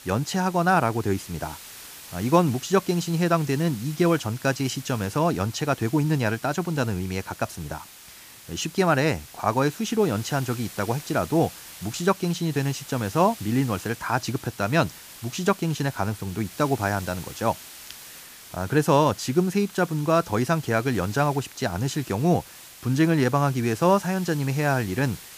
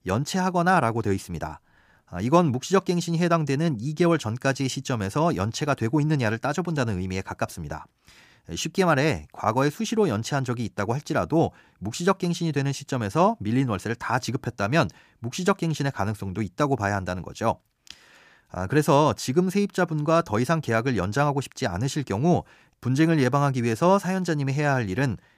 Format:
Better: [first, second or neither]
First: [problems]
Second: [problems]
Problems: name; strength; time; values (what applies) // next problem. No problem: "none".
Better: second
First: hiss; noticeable; throughout; 15 dB below the speech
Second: none